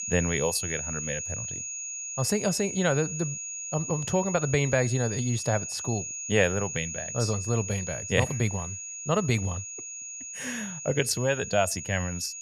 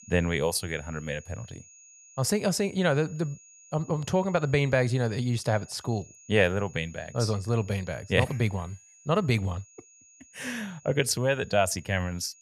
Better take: second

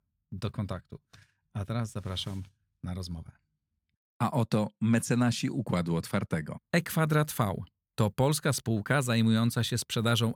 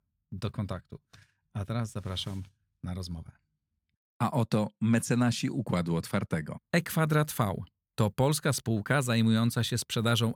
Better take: neither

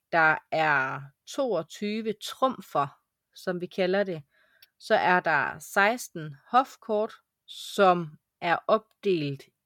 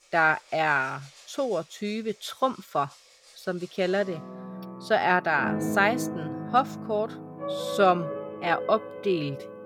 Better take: first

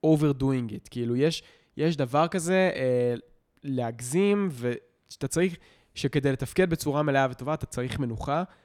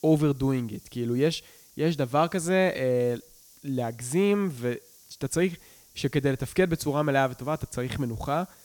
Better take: first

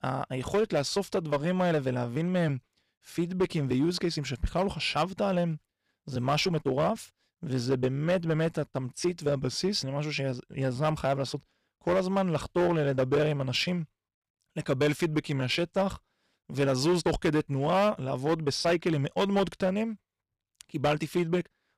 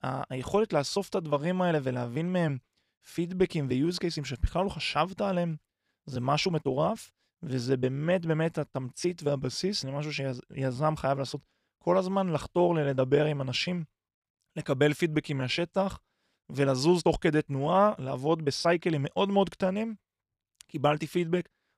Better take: second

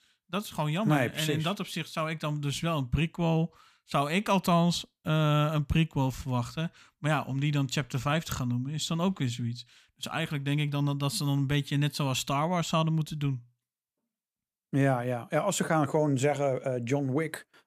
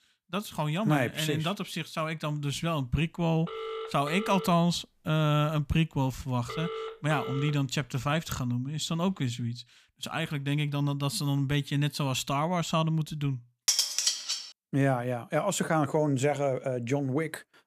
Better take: first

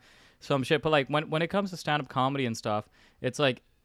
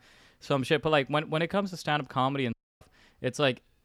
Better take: first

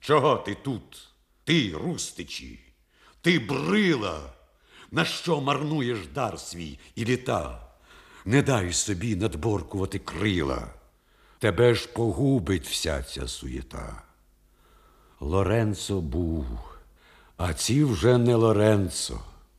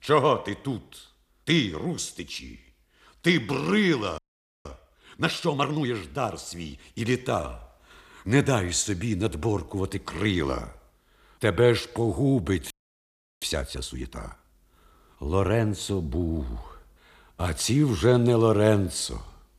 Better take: first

